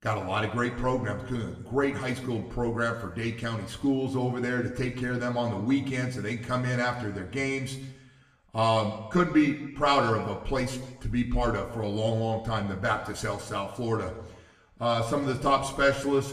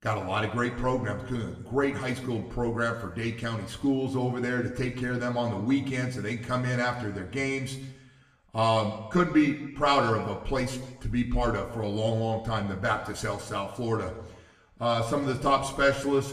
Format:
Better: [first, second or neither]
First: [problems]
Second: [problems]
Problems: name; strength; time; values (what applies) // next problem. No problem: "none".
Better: neither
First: room echo; slight; dies away in 0.9 s // off-mic speech; somewhat distant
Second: room echo; slight; dies away in 0.9 s // off-mic speech; somewhat distant